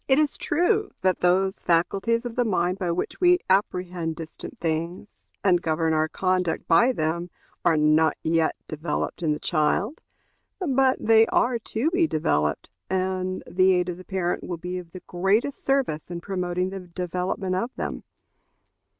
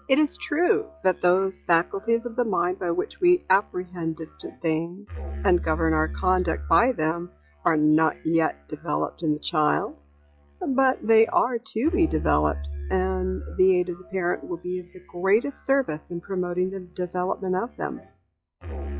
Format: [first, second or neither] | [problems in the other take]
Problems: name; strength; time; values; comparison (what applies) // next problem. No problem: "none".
first | noise reduction (classical method log-MMSE)